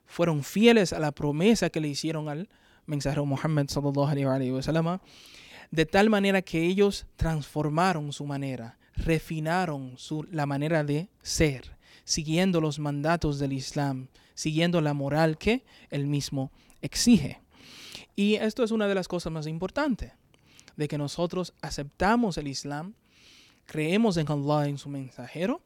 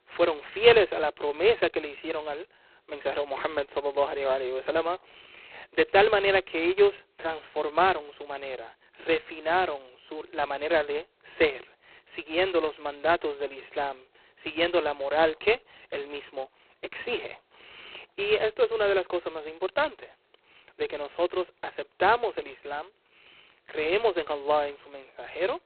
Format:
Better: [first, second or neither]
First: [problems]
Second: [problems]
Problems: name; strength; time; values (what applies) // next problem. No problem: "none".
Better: first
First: none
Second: phone-call audio; poor line; nothing above 4 kHz